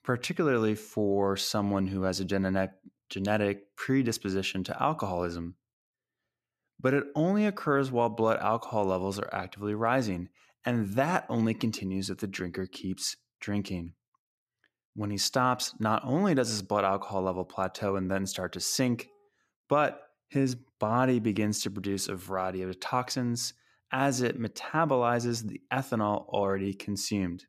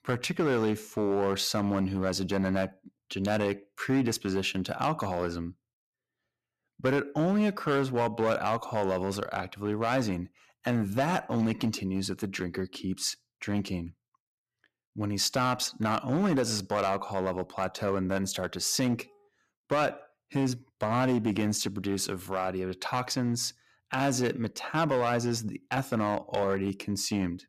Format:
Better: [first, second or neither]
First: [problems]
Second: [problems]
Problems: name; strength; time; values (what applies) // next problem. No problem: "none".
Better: first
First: none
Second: distortion; slight; 5% of the sound clipped